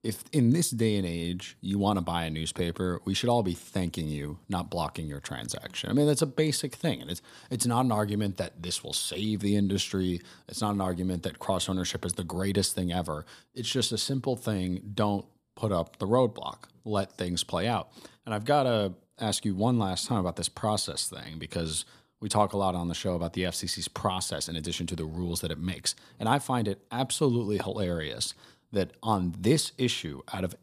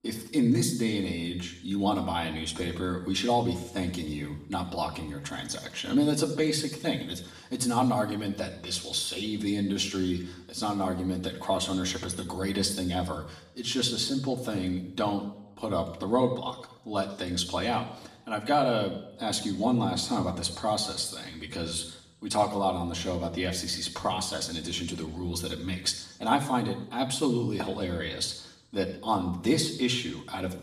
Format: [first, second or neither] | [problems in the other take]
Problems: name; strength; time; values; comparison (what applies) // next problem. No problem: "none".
first | room echo; slight; dies away in 0.7 s // off-mic speech; far